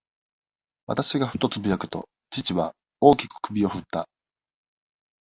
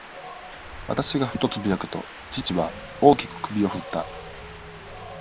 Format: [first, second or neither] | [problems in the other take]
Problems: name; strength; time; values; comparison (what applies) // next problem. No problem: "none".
first | background sound (Wind); 13 dB below the speech